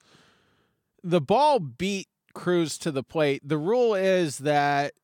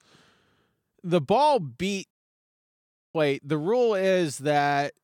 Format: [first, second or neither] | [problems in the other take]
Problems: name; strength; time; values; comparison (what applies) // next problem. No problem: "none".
first | audio cutting out; at 2 s for 1 s